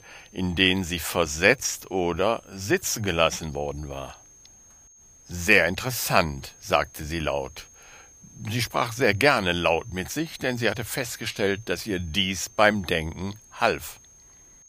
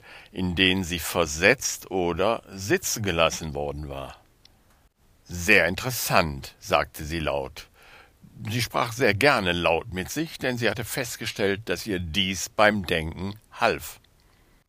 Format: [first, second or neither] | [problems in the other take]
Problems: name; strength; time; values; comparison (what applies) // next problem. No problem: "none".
second | high-pitched whine; faint; throughout; 6.5 kHz, 25 dB below the speech